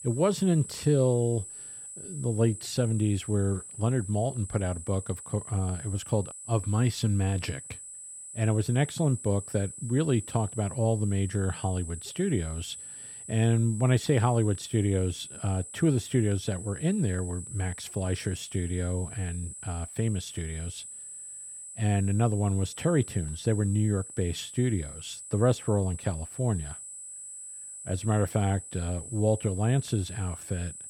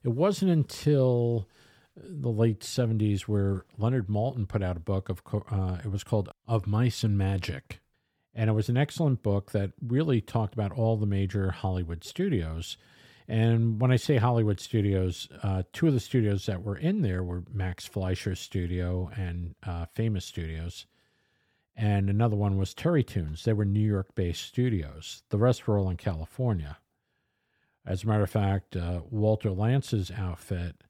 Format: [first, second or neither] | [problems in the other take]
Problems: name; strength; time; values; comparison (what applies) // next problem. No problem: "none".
second | high-pitched whine; noticeable; throughout; 8 kHz, 10 dB below the speech